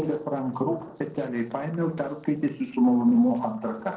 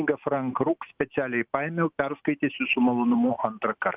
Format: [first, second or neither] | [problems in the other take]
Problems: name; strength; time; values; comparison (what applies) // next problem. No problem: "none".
second | noise reduction (neural separator model SepFormer DNS4)